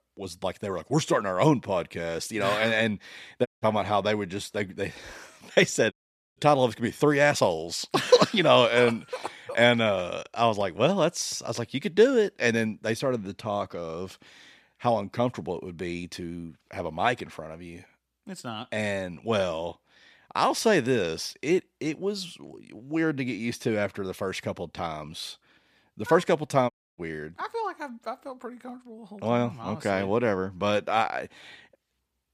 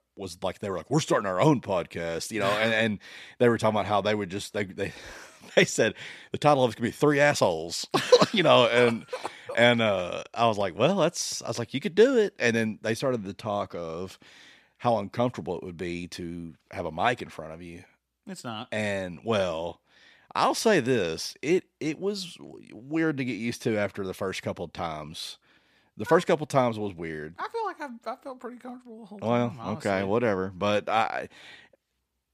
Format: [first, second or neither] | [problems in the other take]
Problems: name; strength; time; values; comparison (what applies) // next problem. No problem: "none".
second | audio cutting out; at 3.5 s, at 6 s and at 27 s